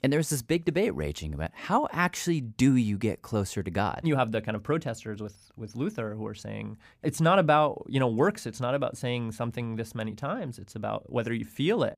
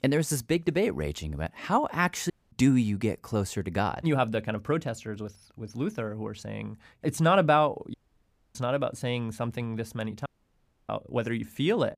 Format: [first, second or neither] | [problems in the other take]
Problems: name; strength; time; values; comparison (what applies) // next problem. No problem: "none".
first | audio cutting out; at 2.5 s, at 8 s for 0.5 s and at 10 s for 0.5 s